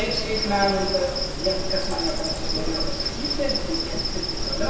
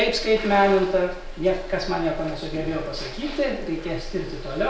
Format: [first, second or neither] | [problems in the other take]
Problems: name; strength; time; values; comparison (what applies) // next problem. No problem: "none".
second | background sound (Insect); 1 dB above the speech // room echo; dies away in 1.7 s